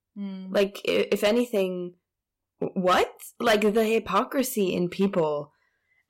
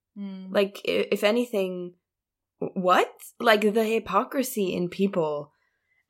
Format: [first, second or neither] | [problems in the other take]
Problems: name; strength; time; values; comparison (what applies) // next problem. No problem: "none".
second | distortion; slight; 3% of the sound clipped